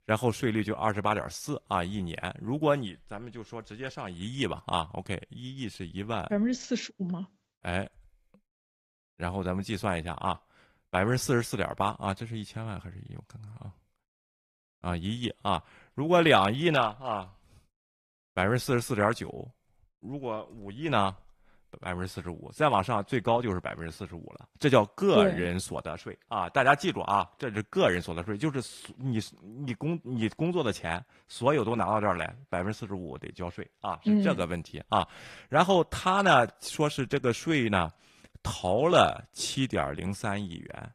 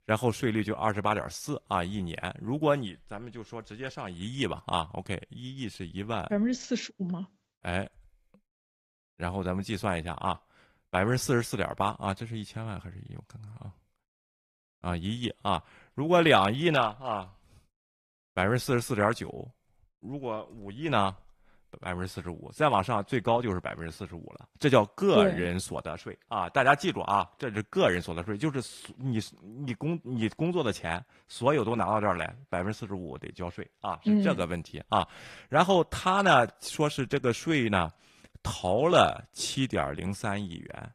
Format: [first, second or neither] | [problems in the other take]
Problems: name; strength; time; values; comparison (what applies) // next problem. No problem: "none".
neither | garbled, watery; slightly; nothing above 14 kHz; the same in both